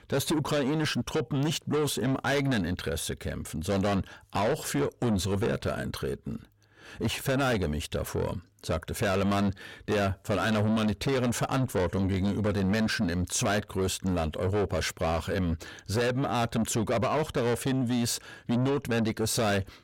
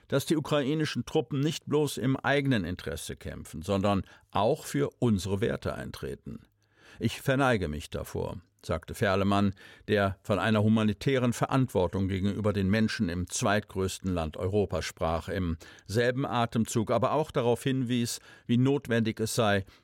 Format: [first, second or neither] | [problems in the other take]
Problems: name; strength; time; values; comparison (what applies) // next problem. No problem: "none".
second | distortion; heavy; 7 dB below the speech